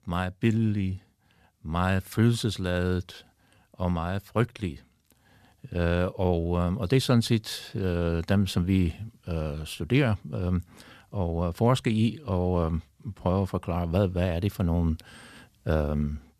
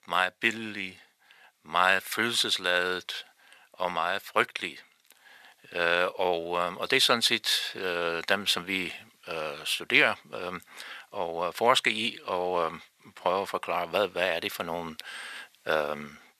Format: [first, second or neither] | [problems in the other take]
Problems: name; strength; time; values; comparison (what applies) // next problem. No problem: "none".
first | thin; very; fading below 650 Hz